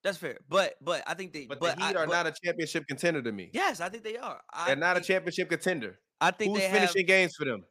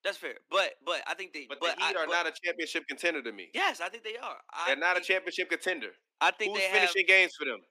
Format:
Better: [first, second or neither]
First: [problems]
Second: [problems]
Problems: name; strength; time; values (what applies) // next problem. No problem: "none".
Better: first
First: none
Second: thin; somewhat; fading below 250 Hz